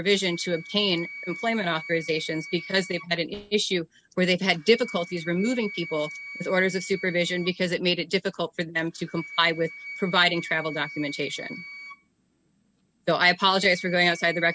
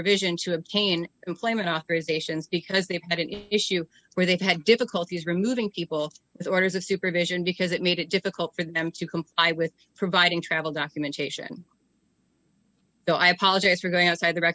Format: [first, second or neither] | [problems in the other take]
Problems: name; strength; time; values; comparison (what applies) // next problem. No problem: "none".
second | background sound (Wind instrument, woodwind instrument); 15 dB below the speech